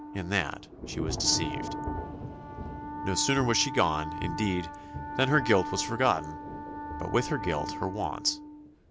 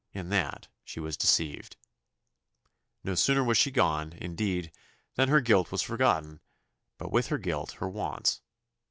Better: second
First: background sound (Wind instrument, woodwind instrument + Thunder / Rain); 6 dB below the speech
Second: none

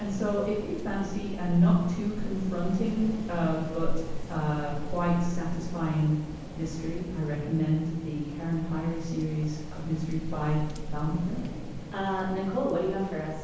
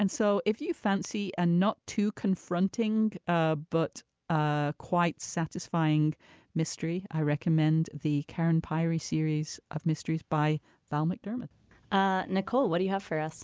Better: second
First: background sound (Rain); 5 dB below the speech // room echo; dies away in 1.1 s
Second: none

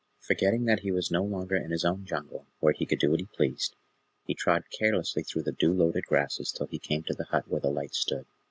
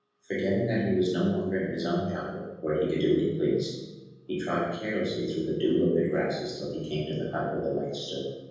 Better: first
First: none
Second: room echo; dies away in 1.3 s

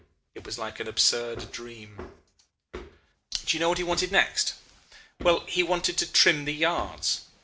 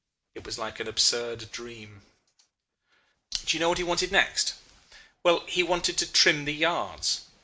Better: second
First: background sound (Hammer); 19 dB below the speech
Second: none

